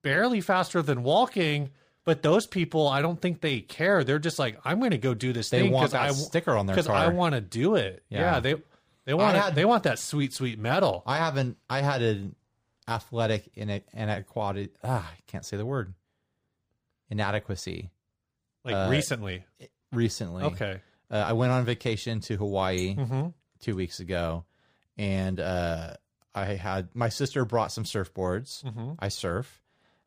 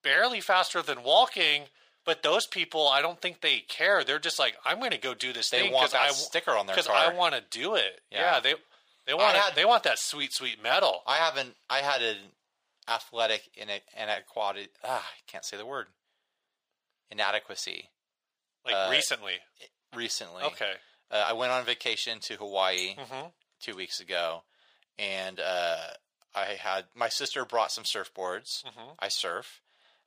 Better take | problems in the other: first | thin; very; fading below 700 Hz

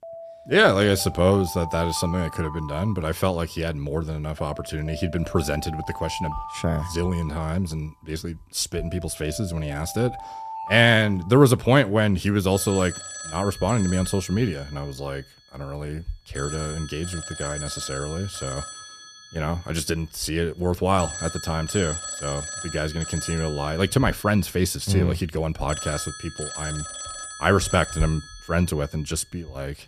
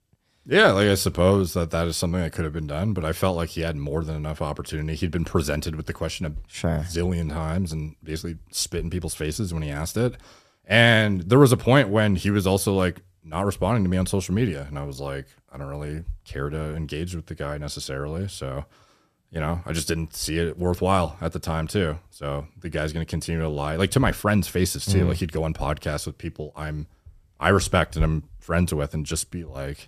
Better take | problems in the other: second | alarms or sirens; noticeable; throughout; 10 dB below the speech

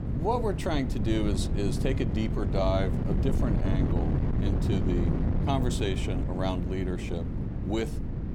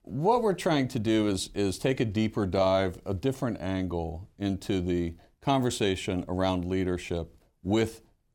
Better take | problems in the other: second | wind noise on the microphone; heavy; 5 dB below the speech

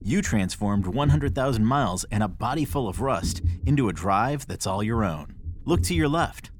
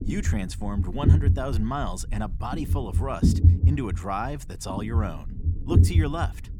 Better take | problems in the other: first | low rumble; loud; throughout; 5 dB below the speech; faint in the first

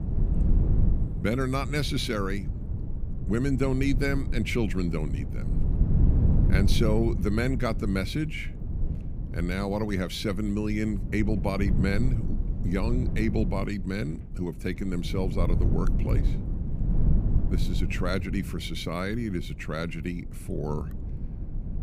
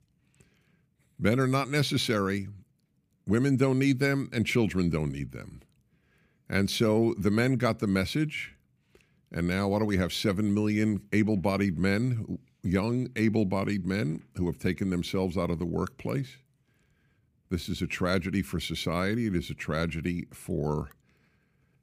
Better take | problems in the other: second | low rumble; loud; throughout; 10 dB below the speech

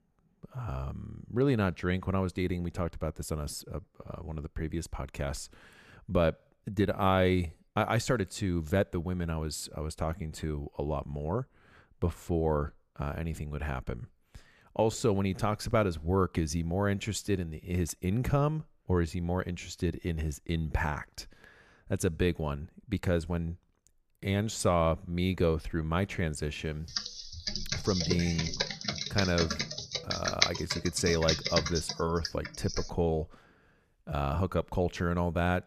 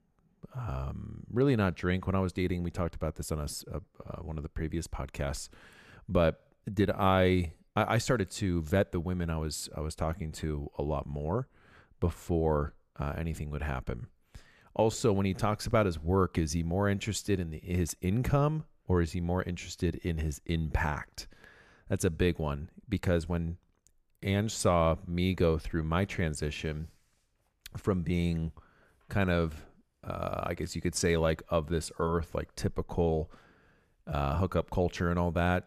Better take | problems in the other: second | keyboard typing; loud; from 27 to 33 s; peak 4 dB above the speech

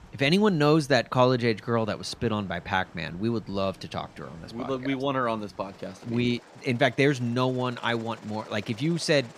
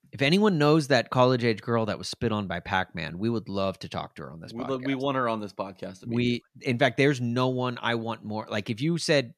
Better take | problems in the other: second | train or aircraft noise; faint; throughout; 25 dB below the speech

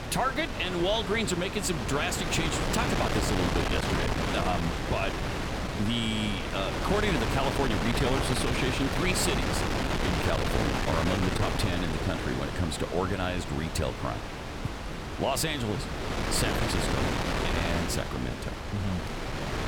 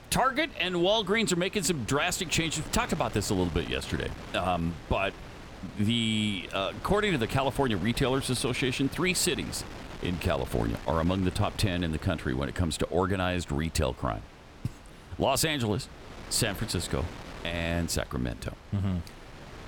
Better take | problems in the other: second | wind noise on the microphone; heavy; as loud as the speech; occasional gusts in the second

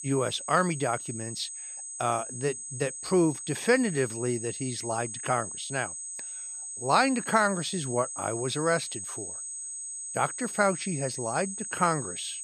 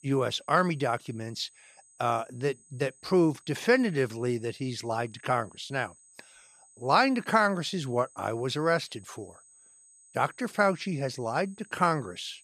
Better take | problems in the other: second | high-pitched whine; loud; throughout; 8 kHz, 7 dB below the speech; faint in the second

